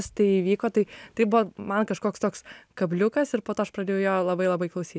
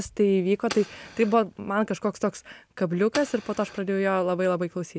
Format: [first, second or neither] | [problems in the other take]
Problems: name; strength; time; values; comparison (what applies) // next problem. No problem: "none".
first | background sound (Fire); 18 dB below the speech